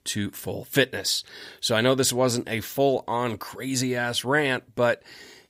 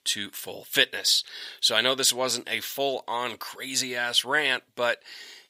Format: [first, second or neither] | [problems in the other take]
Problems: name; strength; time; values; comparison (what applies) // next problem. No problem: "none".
first | thin; somewhat; fading below 950 Hz